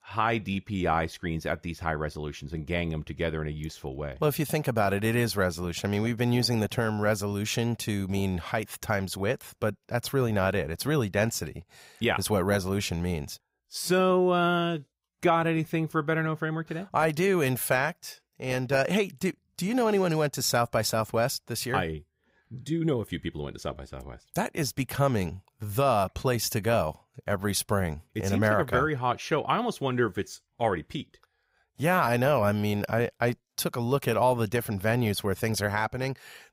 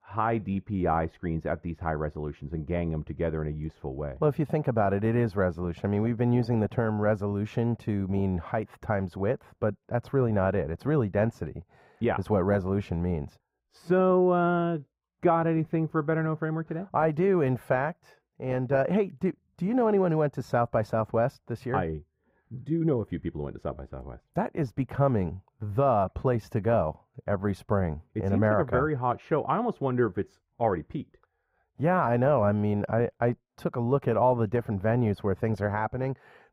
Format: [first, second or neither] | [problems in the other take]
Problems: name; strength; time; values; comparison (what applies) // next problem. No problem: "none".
first | muffled; very; fading above 2.5 kHz